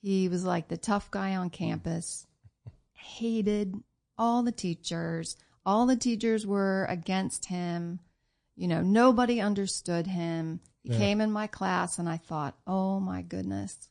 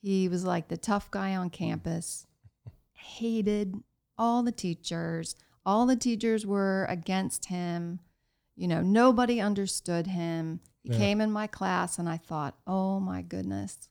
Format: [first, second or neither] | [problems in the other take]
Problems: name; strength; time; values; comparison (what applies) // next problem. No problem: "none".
second | garbled, watery; slightly